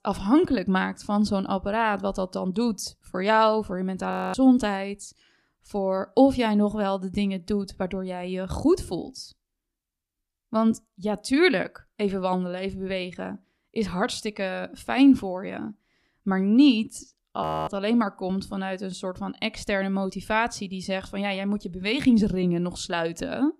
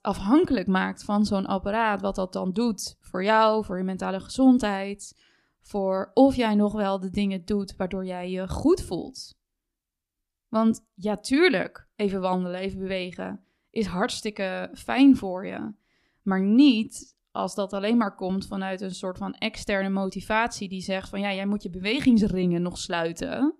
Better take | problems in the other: second | audio freezing; at 4 s and at 17 s

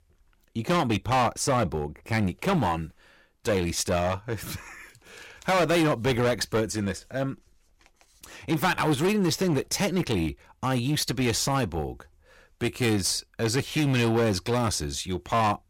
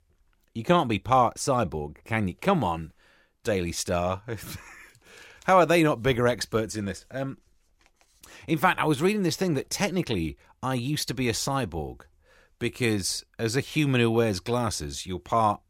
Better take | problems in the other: second | distortion; heavy; 9% of the sound clipped

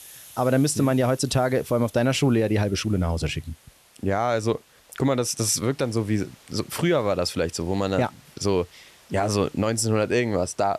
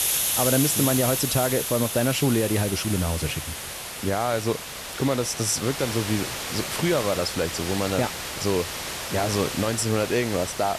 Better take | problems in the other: first | hiss; loud; throughout; 3 dB below the speech; faint in the first

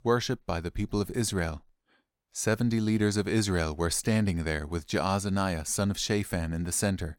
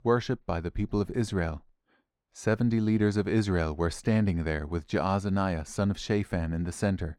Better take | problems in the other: first | muffled; slightly; fading above 2 kHz

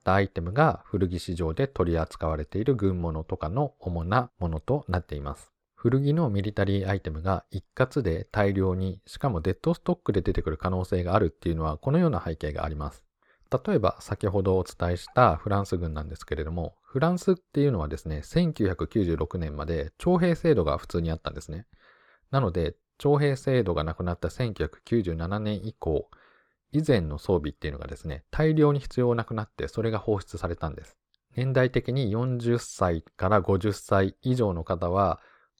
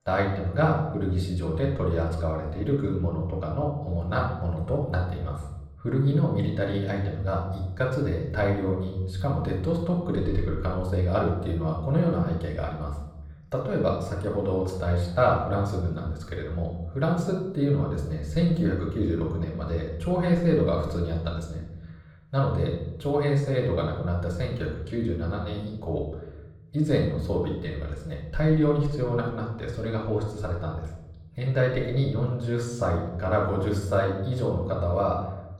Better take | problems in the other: first | room echo; noticeable; dies away in 0.9 s // off-mic speech; far

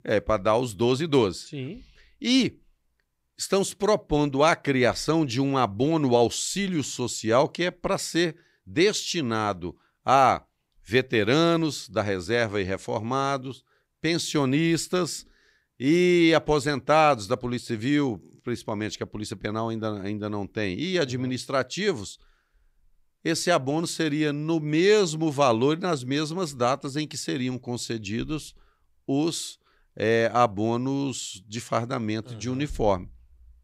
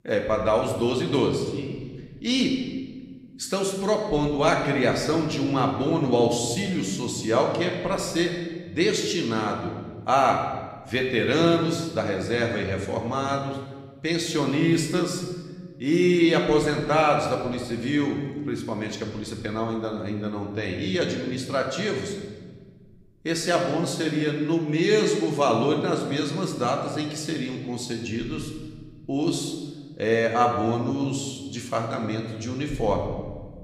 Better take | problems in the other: first | room echo; noticeable; dies away in 1.2 s // off-mic speech; somewhat distant

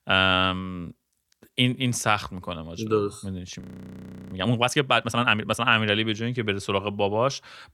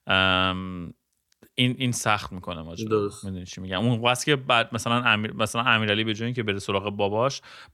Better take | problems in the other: second | audio freezing; at 3.5 s for 0.5 s

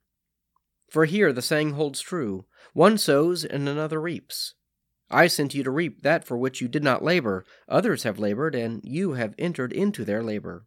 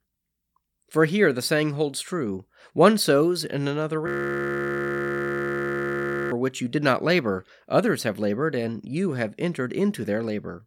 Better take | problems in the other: first | audio freezing; at 4 s for 2 s

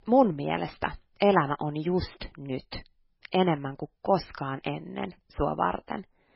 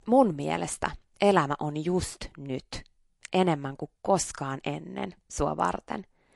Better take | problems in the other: second | garbled, watery; badly; nothing above 5.5 kHz; slightly in the second

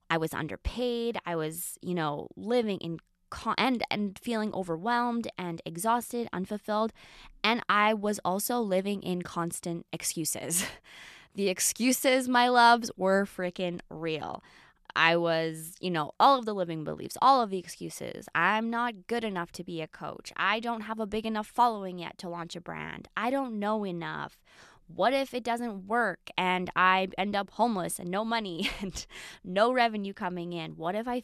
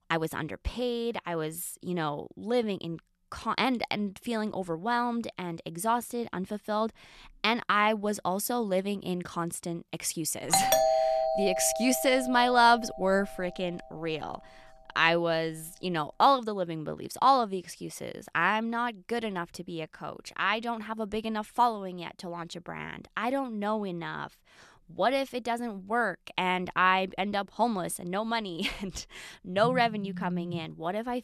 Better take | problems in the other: first | doorbell; loud; from 11 to 13 s; peak 6 dB above the speech // phone ringing; noticeable; from 30 to 31 s; peak 5 dB below the speech

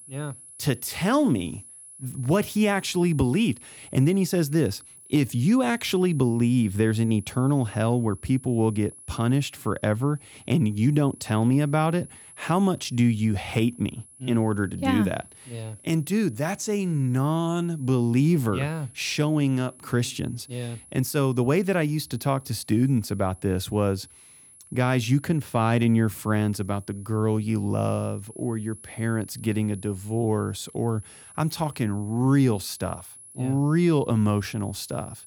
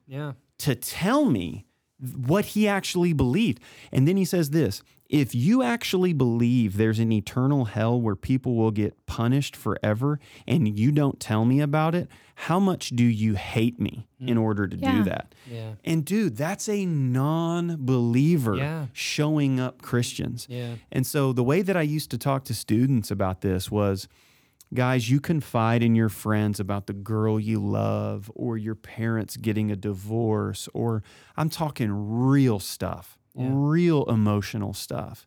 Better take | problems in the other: second | high-pitched whine; faint; throughout; 10.5 kHz, 20 dB below the speech

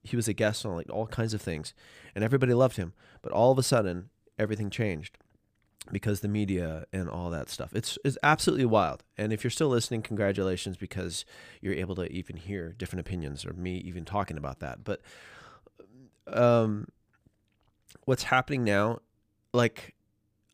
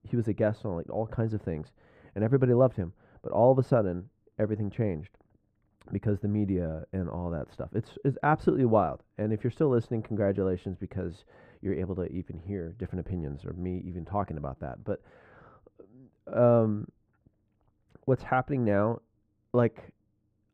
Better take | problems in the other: first | muffled; very; fading above 2.5 kHz

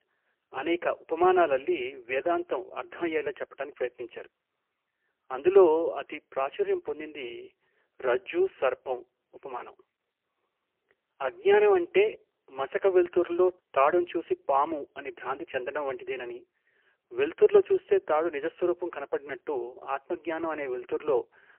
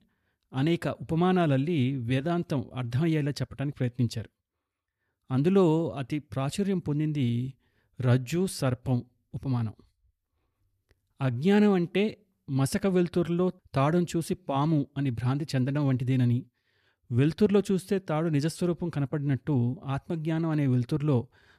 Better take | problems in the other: second | phone-call audio; poor line; nothing above 3 kHz

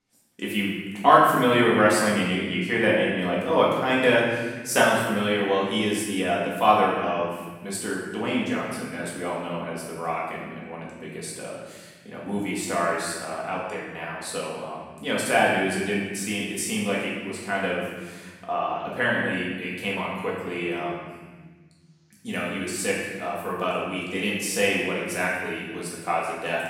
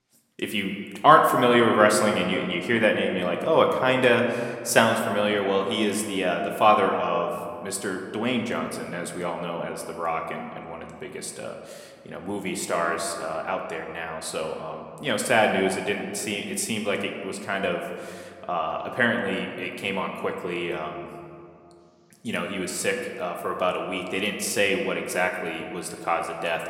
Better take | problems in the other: second | room echo; strong; dies away in 1.5 s; slight in the second // off-mic speech; far

